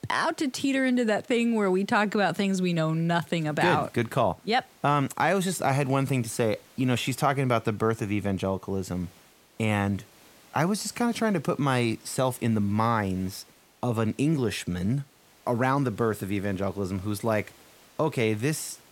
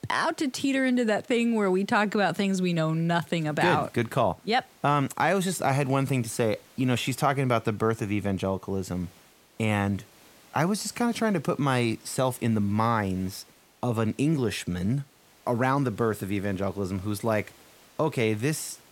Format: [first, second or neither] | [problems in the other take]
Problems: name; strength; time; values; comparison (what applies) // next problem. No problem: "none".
neither | hiss; faint; throughout; 30 dB below the speech; the same in both